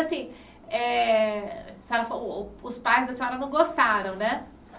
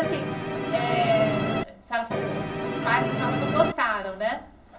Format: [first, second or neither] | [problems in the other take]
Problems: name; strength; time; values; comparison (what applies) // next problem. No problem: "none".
first | background sound (Musical instrument); as loud as the speech // room echo; dies away in 0.3 s